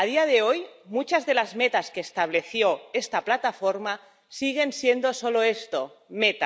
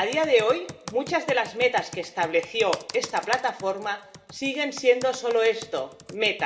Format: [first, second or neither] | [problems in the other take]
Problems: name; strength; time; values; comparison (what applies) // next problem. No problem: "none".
first | background sound (Computer keyboard); 16 dB below the speech // room echo; dies away in 1.7 s